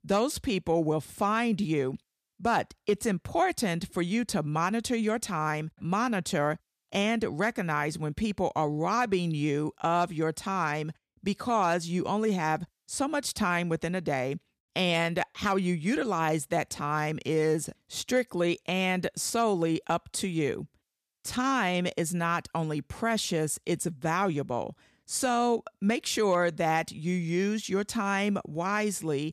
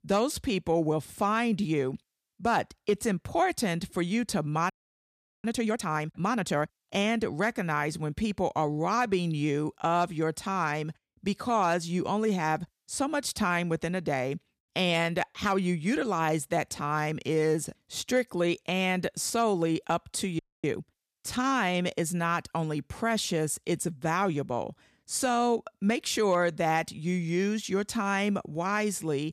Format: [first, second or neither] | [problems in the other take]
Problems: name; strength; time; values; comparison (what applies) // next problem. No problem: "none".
first | audio freezing; at 4.5 s for 0.5 s and at 20 s